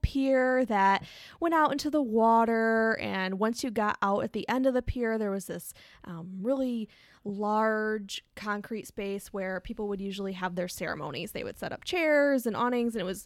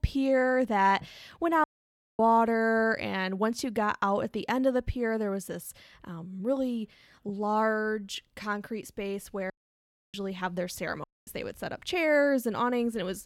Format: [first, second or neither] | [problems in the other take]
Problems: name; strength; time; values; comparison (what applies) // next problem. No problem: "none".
first | audio cutting out; at 1.5 s for 0.5 s, at 9.5 s for 0.5 s and at 11 s